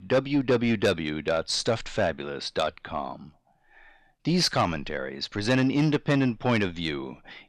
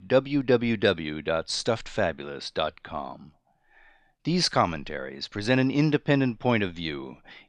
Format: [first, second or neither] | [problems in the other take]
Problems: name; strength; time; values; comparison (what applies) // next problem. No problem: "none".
second | distortion; slight; 10 dB below the speech